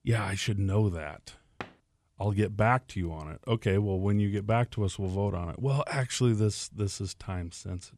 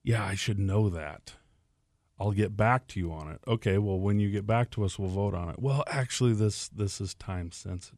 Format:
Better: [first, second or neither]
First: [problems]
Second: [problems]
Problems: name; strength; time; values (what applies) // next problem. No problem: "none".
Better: second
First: door banging; faint; at 1.5 s; peak 15 dB below the speech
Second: none